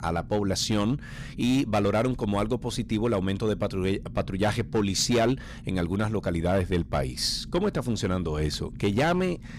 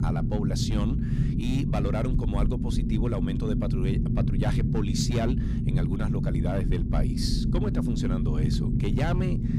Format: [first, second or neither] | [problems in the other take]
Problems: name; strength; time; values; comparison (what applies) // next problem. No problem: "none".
first | low rumble; loud; throughout; 1 dB below the speech; faint in the first